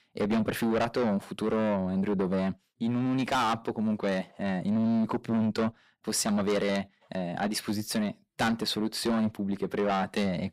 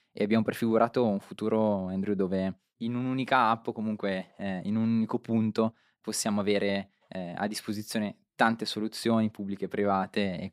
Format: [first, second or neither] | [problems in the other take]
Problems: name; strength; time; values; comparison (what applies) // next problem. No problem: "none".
second | distortion; heavy; 7 dB below the speech